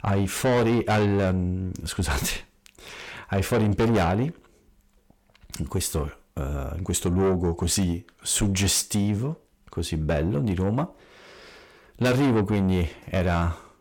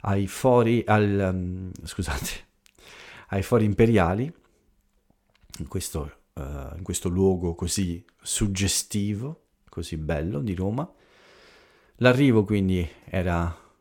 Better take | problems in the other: second | distortion; heavy; 7 dB below the speech

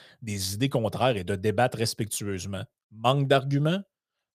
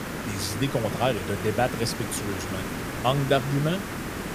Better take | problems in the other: first | hiss; loud; throughout; 5 dB below the speech

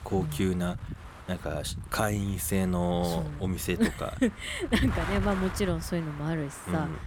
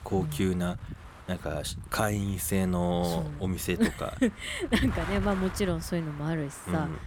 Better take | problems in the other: second | wind noise on the microphone; heavy; 10 dB below the speech; occasional gusts in the second

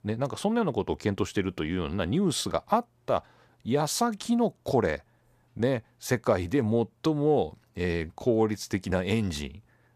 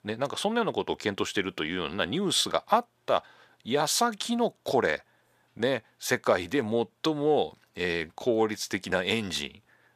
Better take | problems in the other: first | thin; very slightly; fading below 850 Hz

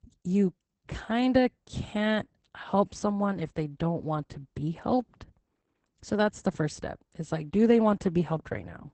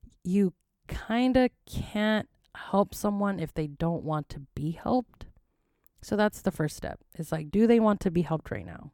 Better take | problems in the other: second | garbled, watery; badly; nothing above 8 kHz

